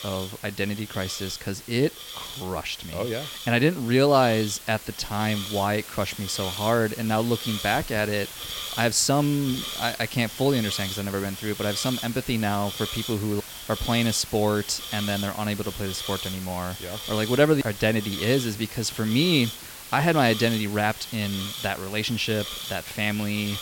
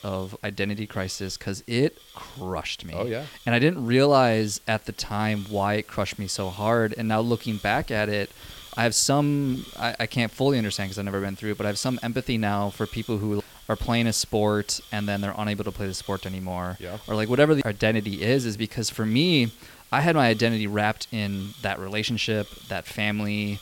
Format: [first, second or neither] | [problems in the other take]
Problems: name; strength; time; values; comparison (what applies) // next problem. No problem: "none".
second | hiss; loud; throughout; 9 dB below the speech; faint in the second